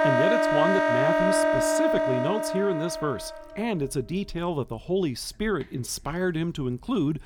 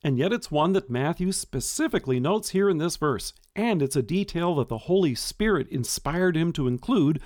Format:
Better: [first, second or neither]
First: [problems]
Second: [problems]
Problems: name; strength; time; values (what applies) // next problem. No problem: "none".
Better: second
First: background music; very loud; throughout; 5 dB above the speech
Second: none